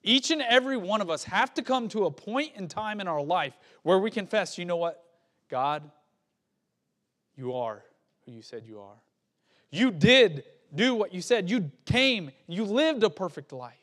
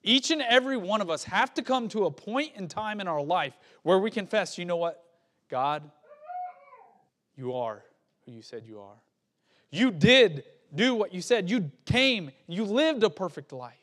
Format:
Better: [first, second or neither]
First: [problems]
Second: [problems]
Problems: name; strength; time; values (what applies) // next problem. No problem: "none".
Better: first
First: none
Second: dog barking; faint; at 6 s; peak 15 dB below the speech